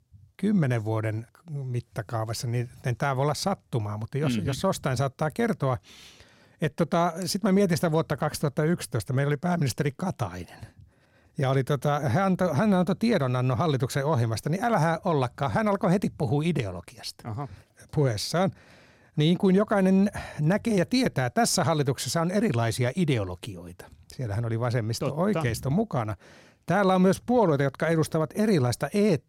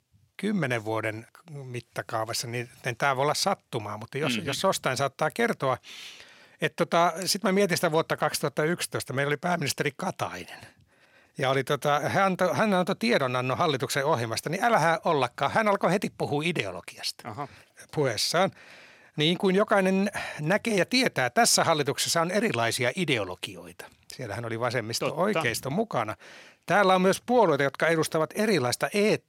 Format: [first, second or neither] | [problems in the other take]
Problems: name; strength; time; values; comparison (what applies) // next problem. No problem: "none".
first | thin; somewhat; fading below 1 kHz